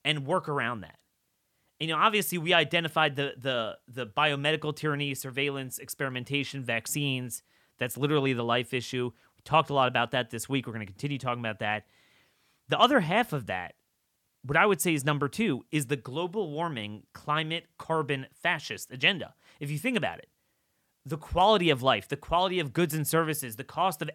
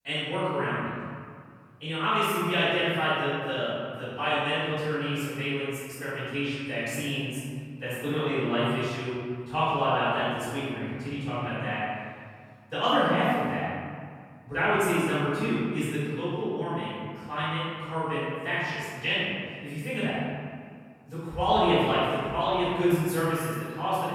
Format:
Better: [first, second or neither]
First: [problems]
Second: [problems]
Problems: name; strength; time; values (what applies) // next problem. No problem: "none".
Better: first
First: none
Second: room echo; strong; dies away in 2 s // off-mic speech; far